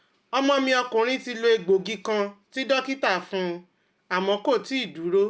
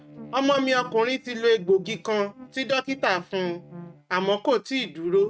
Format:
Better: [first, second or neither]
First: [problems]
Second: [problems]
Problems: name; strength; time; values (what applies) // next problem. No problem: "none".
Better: first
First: none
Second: noise reduction (neural mask model RNNoise)